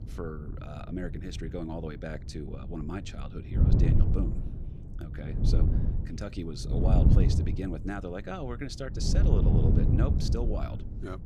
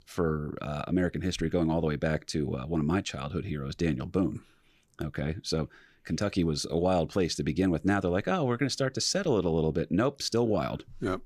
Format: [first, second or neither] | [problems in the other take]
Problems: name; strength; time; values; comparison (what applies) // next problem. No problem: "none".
second | wind noise on the microphone; heavy; as loud as the speech